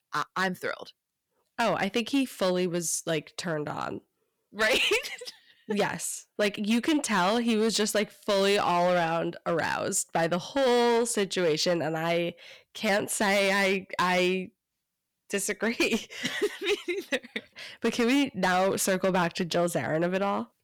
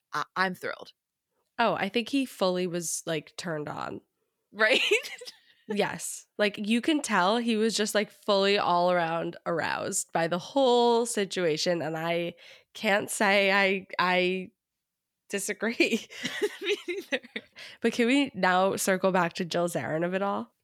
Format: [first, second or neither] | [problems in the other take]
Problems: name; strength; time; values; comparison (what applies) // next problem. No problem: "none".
second | distortion; slight; 8% of the sound clipped